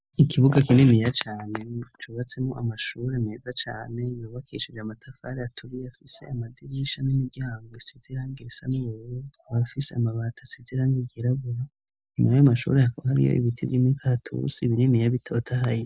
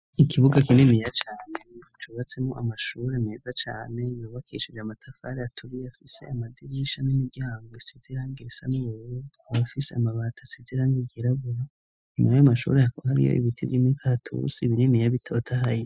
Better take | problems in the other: first | noise reduction (classical method spectral subtraction)

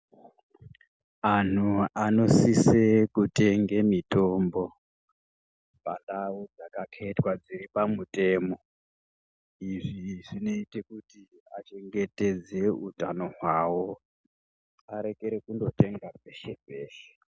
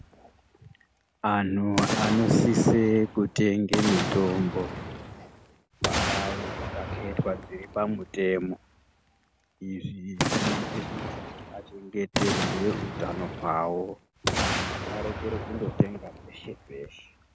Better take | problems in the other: first | background sound (Boom); 4 dB below the speech

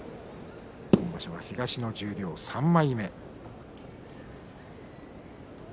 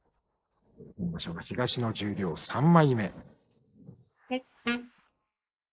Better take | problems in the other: first | noise reduction (neural mask model Resemble Enhance denoiser)

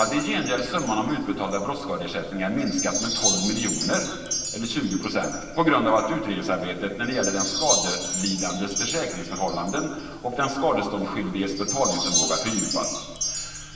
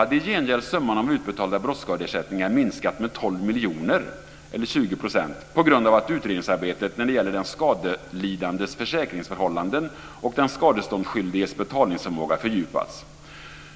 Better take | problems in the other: second | background sound (Wind chime); 5 dB below the speech // room echo; dies away in 1.3 s

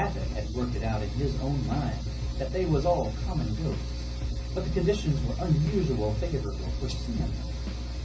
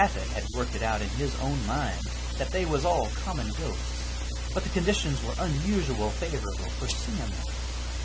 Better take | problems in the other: second | background sound (Drum / Drum kit); 12 dB below the speech // room echo; dies away in 0.4 s

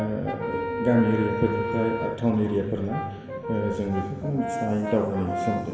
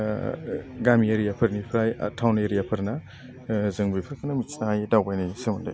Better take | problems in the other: second | background sound (Brass instrument); 6 dB below the speech // room echo; dies away in 2.2 s

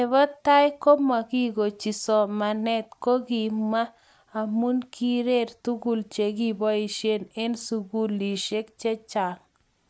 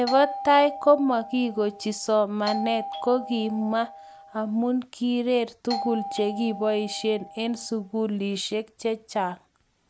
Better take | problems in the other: first | background sound (Doorbell); 10 dB below the speech

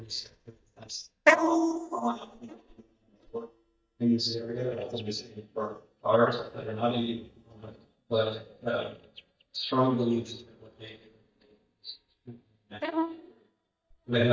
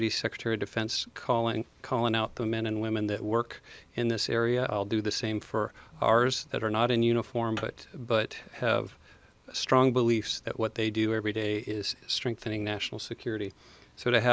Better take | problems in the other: second | noise reduction (neural mask model DeepFilterNet 3)

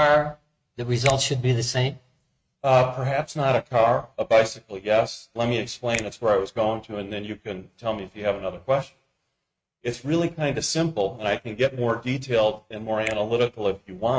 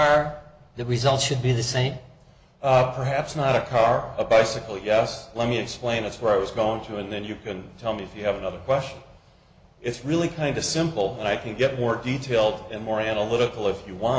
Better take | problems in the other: second | noise reduction (neural mask model RNNoise)

